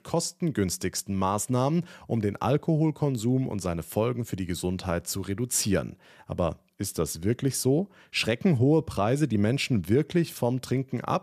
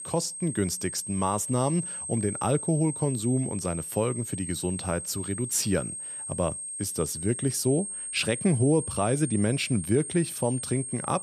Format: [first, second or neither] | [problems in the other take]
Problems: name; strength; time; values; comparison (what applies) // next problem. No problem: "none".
first | high-pitched whine; loud; throughout; 8.5 kHz, 6 dB below the speech